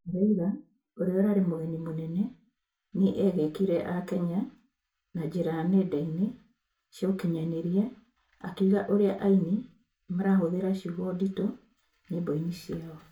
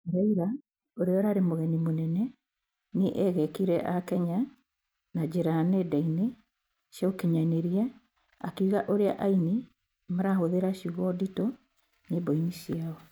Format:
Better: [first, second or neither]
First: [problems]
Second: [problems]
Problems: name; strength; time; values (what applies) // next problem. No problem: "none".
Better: second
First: room echo; dies away in 0.2 s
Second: none